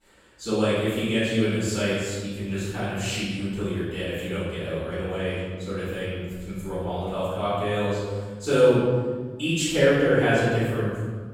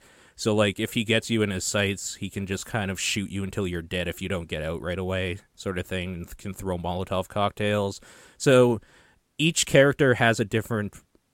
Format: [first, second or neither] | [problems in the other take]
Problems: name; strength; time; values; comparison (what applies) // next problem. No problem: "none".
second | off-mic speech; far // room echo; strong; dies away in 1.5 s